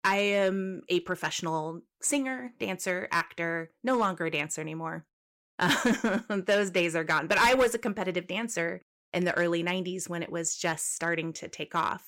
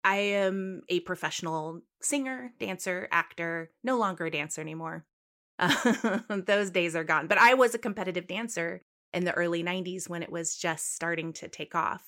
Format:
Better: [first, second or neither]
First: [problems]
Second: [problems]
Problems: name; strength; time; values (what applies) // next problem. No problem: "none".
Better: second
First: distortion; slight; 2% of the sound clipped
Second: none